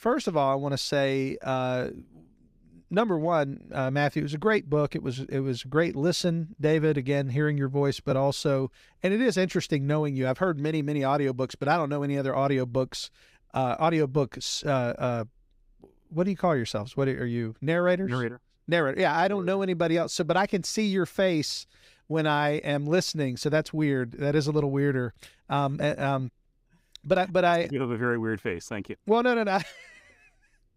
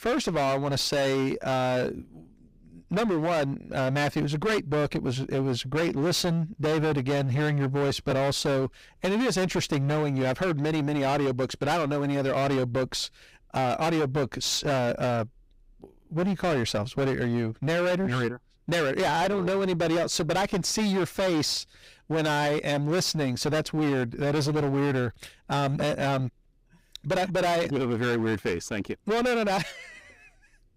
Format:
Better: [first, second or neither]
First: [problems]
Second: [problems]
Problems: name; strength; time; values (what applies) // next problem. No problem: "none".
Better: first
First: none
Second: distortion; heavy; 24% of the sound clipped